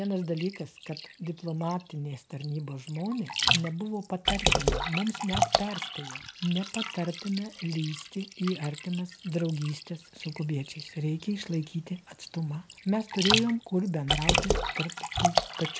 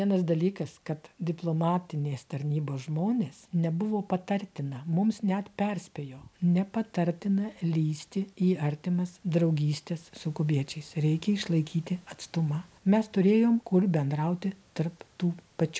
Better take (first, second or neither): second